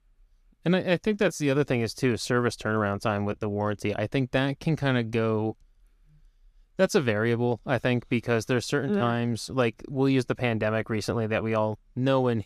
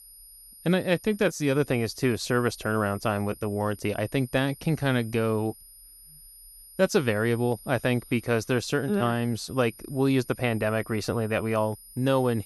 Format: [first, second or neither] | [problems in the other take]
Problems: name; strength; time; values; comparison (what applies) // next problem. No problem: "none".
first | high-pitched whine; noticeable; throughout; 9.5 kHz, 20 dB below the speech